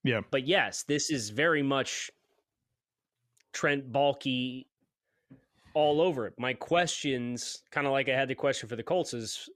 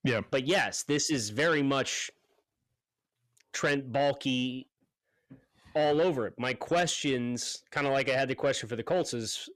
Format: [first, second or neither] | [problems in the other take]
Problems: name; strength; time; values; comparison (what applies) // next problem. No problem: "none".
first | distortion; slight; 10 dB below the speech